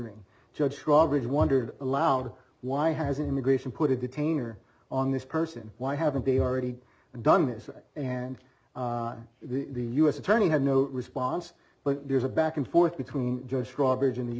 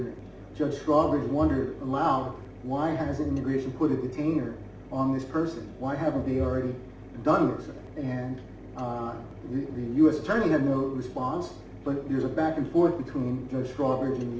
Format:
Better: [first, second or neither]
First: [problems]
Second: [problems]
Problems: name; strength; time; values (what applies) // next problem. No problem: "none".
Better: first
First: none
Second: background sound (Mechanisms); 16 dB below the speech // room echo; dies away in 0.5 s